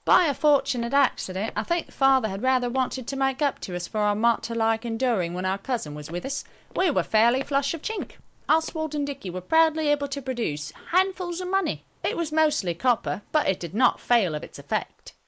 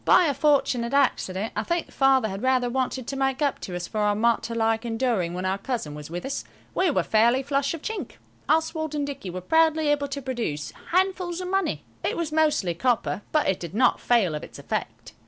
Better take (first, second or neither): second